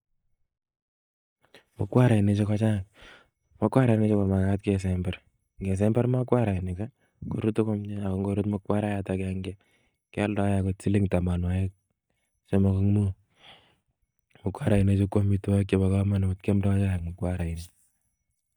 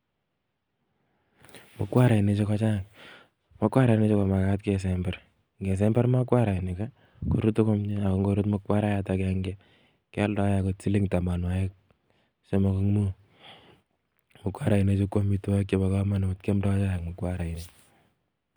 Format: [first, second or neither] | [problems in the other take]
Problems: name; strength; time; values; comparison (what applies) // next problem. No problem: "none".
second | noise reduction (neural mask model DeepFilterNet 3)